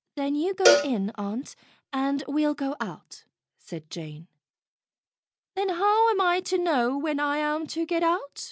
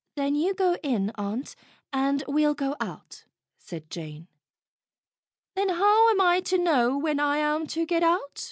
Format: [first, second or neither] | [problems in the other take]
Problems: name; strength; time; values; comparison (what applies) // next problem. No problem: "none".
second | background sound (Cowbell); as loud as the speech